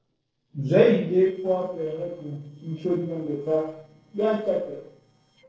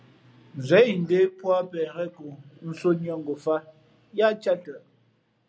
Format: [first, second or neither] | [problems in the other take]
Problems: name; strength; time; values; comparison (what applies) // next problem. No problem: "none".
second | noise reduction (neural separator model SepFormer DNS4)